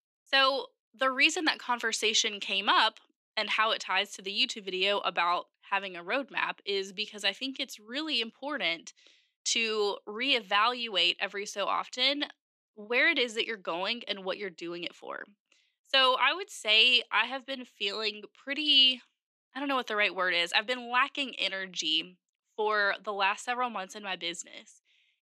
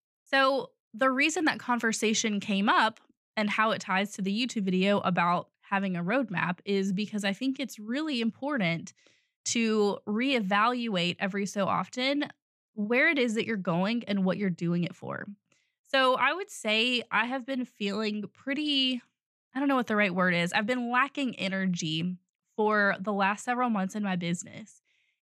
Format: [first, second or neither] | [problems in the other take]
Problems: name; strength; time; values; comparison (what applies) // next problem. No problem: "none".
second | thin; somewhat; fading below 350 Hz